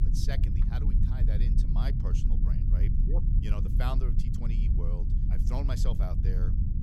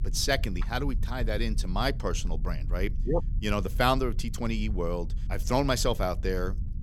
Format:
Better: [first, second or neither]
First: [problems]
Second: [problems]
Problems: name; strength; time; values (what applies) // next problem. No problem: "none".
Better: second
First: low rumble; loud; throughout; 1 dB below the speech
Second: low rumble; faint; throughout; 20 dB below the speech